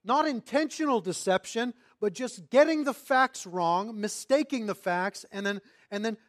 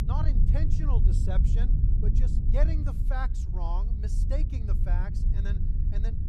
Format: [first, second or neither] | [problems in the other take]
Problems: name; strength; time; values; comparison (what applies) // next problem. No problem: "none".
first | low rumble; loud; throughout; 3 dB below the speech